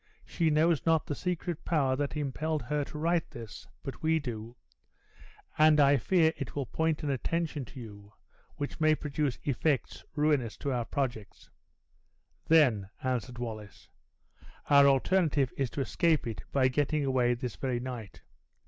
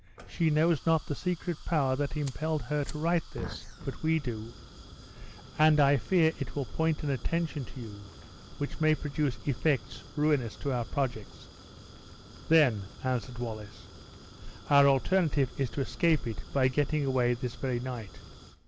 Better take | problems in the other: first | background sound (Fire); 18 dB below the speech

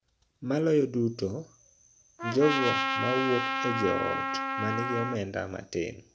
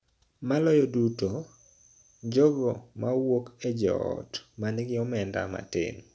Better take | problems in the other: second | background sound (Trumpet); 1 dB below the speech

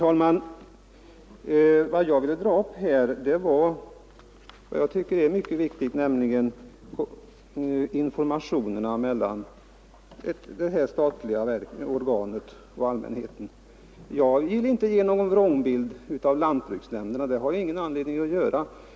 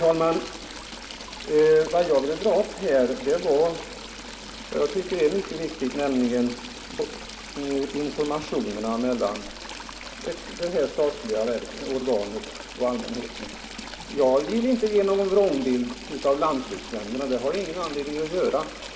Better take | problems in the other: first | background sound (Stream / Trickle, dribble); 14 dB below the speech // room echo; dies away in 1.6 s

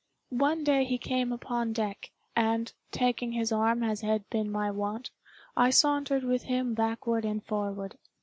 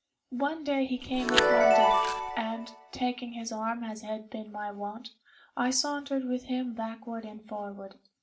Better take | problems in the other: first | background sound (Chime); 5 dB above the speech // room echo; dies away in 0.3 s

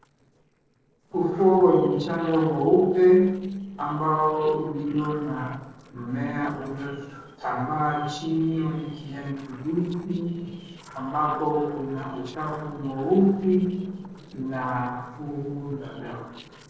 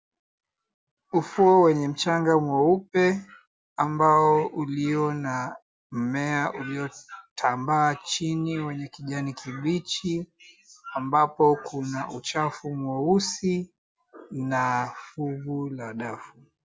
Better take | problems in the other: second | noise reduction (neural separator model SepFormer DNS4)

